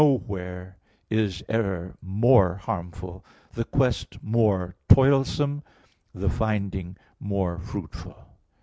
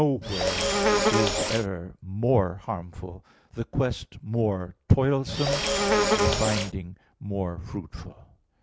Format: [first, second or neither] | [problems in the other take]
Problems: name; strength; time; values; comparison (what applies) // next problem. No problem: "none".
first | background sound (Insect); 4 dB above the speech